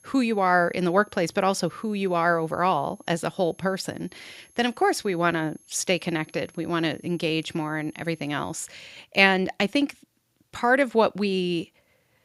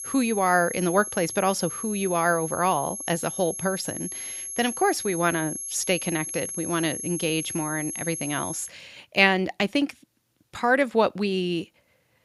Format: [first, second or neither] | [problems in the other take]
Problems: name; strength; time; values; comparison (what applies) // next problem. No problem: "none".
first | high-pitched whine; loud; until 8.5 s; 11 kHz, 6 dB below the speech; faint in the first